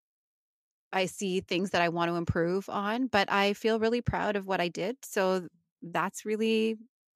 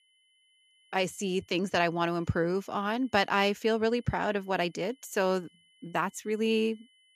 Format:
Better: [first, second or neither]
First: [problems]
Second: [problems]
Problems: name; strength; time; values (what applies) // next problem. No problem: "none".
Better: first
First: none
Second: high-pitched whine; faint; throughout; 3 kHz, 35 dB below the speech